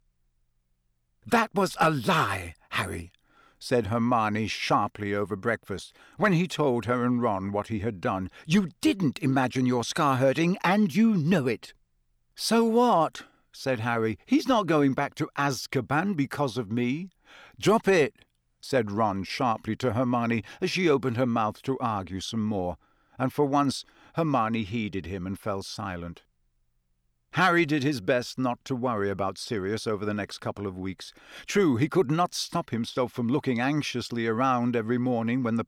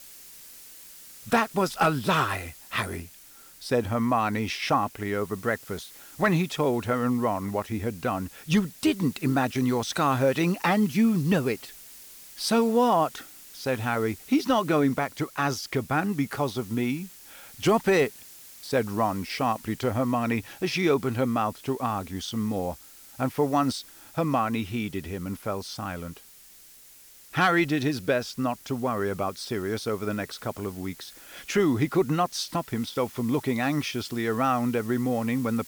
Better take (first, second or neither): first